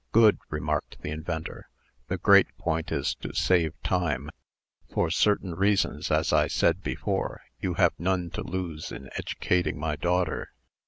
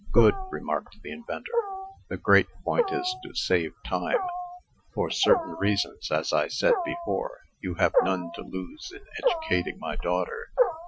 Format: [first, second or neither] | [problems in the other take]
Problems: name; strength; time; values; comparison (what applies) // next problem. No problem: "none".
first | noise reduction (classical method Wiener filter)